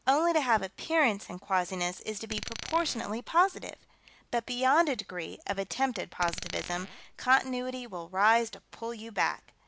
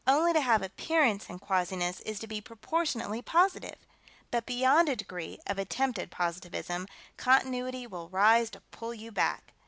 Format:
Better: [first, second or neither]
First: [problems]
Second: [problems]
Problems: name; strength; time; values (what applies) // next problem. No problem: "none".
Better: second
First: background sound (Glass); 13 dB below the speech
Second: none